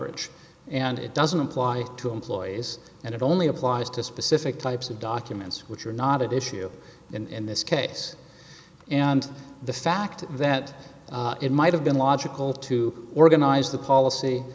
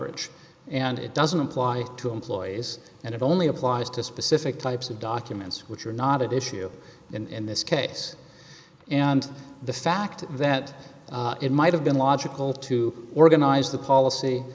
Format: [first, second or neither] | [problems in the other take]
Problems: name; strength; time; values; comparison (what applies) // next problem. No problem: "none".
first | noise reduction (neural mask model Resemble Enhance denoiser)